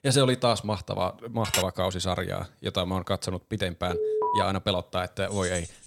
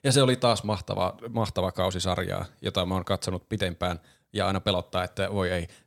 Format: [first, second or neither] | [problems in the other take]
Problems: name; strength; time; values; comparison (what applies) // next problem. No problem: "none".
second | clattering dishes; loud; at 1.5 s; peak level with the speech // alarm; loud; at 4 s; peak 2 dB above the speech // jangling keys; noticeable; at 5 s; peak 8 dB below the speech